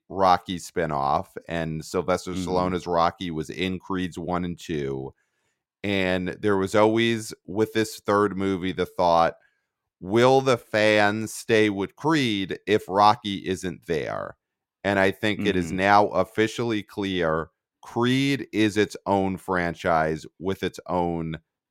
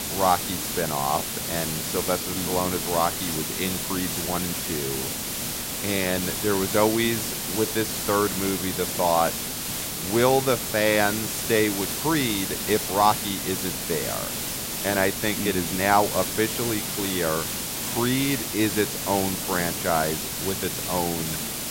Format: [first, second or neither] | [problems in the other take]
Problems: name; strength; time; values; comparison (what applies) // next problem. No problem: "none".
first | hiss; loud; throughout; 1 dB below the speech